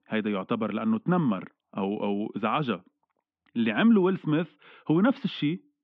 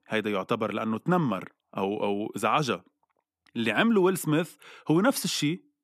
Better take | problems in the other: second | muffled; very; fading above 3.5 kHz

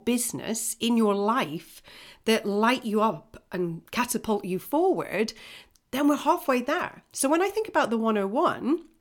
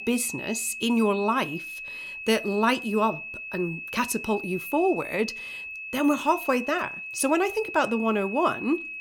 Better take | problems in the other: first | high-pitched whine; loud; throughout; 2.5 kHz, 8 dB below the speech

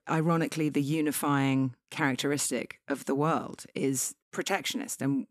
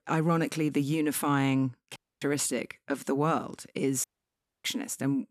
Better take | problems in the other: first | audio cutting out; at 2 s and at 4 s for 0.5 s

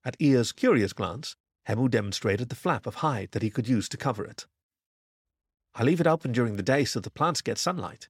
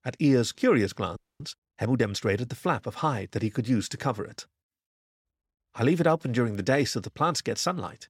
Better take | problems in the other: first | audio freezing; at 1 s

